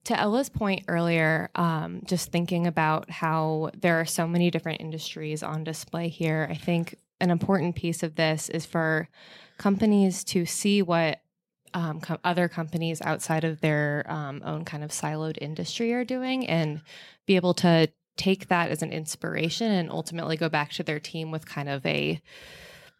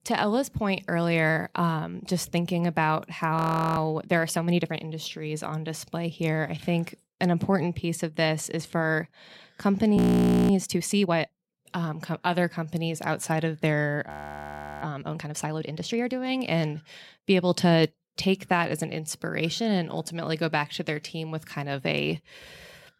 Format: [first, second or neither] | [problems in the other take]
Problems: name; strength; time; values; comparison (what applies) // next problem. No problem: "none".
first | audio freezing; at 3.5 s, at 10 s for 0.5 s and at 14 s for 0.5 s